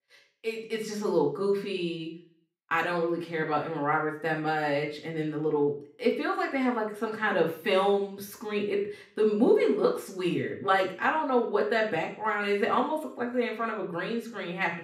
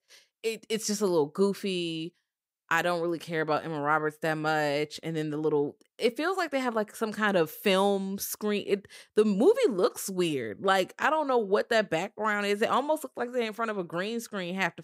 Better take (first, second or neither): second